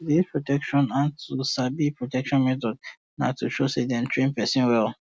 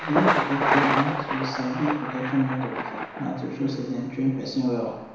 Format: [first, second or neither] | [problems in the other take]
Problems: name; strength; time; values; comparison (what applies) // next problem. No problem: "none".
first | background sound (Thunder); 1 dB below the speech // room echo; dies away in 1 s